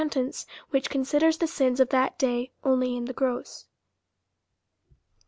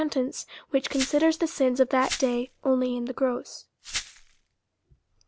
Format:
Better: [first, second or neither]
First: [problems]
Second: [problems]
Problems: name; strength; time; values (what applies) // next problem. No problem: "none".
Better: first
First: none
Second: background sound (Glass); 11 dB below the speech